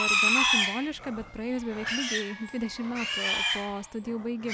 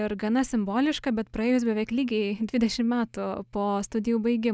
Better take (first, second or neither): second